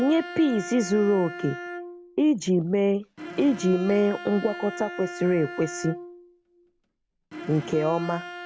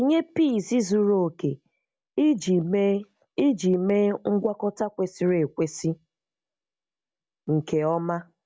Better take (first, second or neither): second